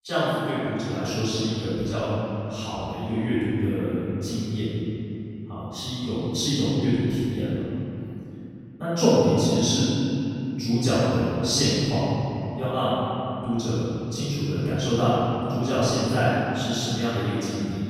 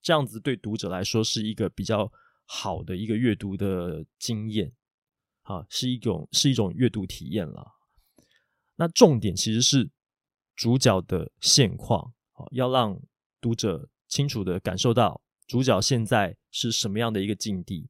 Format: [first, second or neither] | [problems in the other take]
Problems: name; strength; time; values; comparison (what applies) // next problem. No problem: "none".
second | off-mic speech; far // room echo; strong; dies away in 3 s